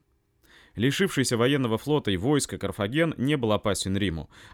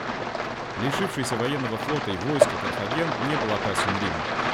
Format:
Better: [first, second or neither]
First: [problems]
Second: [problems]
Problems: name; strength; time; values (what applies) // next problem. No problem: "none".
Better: first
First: none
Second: rain or running water; very loud; throughout; 2 dB above the speech